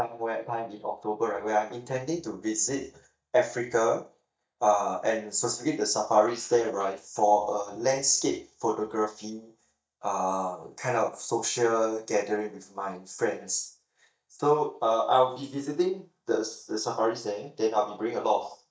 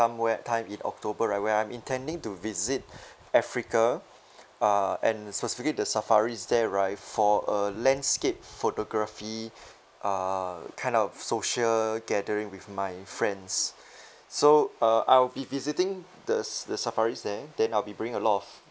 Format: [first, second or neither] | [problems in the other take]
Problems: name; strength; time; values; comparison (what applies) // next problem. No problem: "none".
second | noise reduction (neural mask model DeepFilterNet 3)